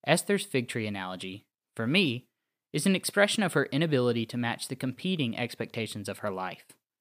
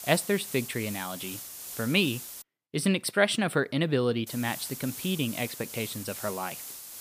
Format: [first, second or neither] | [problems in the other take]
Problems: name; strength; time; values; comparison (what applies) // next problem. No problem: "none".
first | hiss; loud; until 2.5 s and from 4.5 s on; 9 dB below the speech